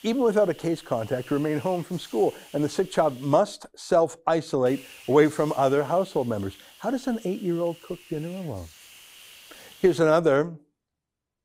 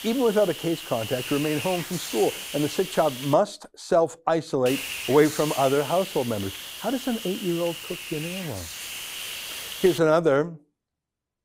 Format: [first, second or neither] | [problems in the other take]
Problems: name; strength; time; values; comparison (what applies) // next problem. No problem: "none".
first | hiss; loud; until 3.5 s and from 4.5 to 10 s; 8 dB below the speech; faint in the first